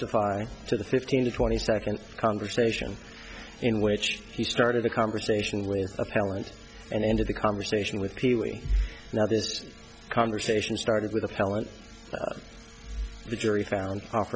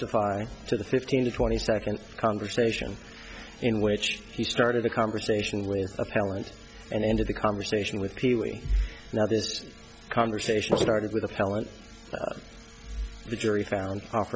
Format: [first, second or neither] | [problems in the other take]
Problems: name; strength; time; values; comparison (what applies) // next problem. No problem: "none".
first | background sound (Walk, footsteps); 2 dB above the speech